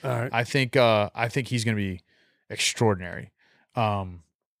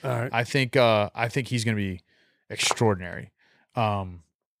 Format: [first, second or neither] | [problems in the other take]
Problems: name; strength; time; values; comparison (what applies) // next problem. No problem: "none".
first | footsteps; noticeable; at 2.5 s; peak 8 dB below the speech